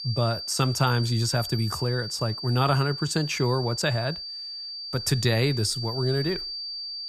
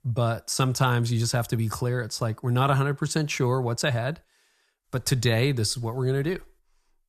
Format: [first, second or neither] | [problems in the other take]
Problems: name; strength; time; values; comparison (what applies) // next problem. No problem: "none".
second | high-pitched whine; loud; throughout; 4.5 kHz, 7 dB below the speech